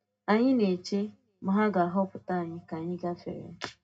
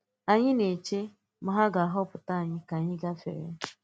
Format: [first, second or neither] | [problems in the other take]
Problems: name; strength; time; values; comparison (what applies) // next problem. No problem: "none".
second | room echo; dies away in 0.2 s